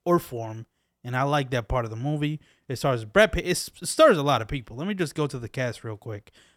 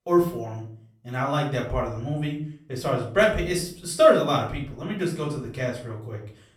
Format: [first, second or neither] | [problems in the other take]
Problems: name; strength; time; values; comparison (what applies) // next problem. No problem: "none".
first | off-mic speech; far // room echo; slight; dies away in 0.4 s